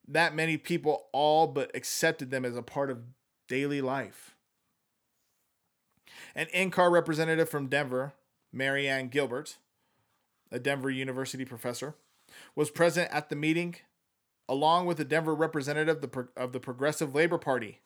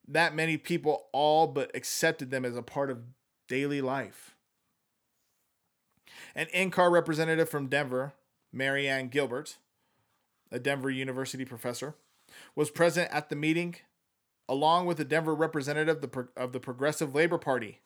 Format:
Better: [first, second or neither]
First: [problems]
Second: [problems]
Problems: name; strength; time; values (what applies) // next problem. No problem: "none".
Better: neither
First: none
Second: none